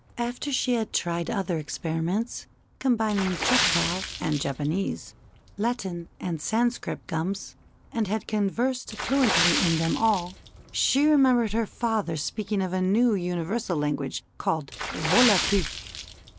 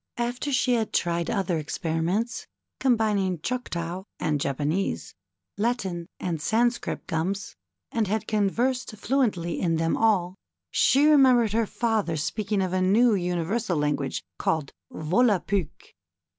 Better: second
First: background sound (Water / Splash, splatter); 7 dB below the speech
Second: none

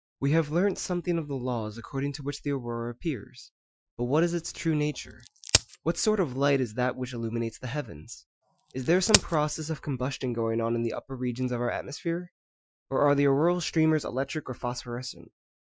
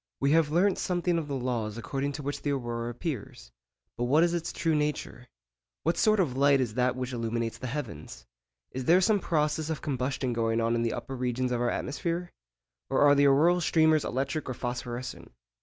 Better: second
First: noise reduction (classical method Wiener filter)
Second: none

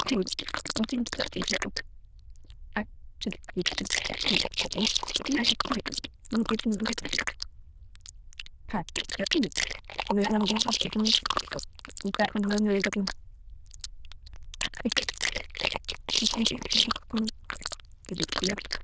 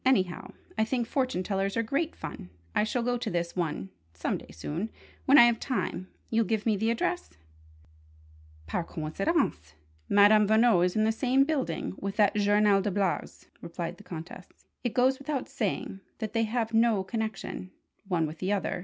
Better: second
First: noise reduction (neural diffusion model UNIVERSE++)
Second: none

